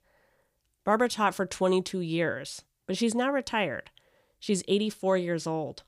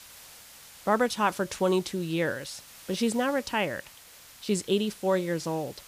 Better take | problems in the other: first | hiss; noticeable; throughout; 20 dB below the speech

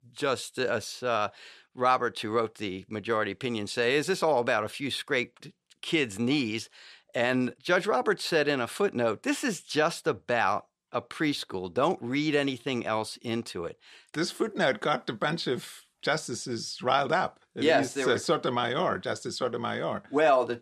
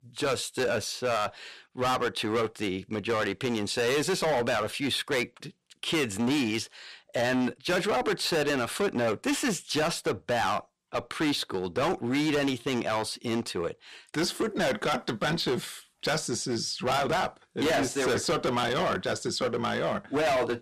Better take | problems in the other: first | distortion; heavy; 17% of the sound clipped

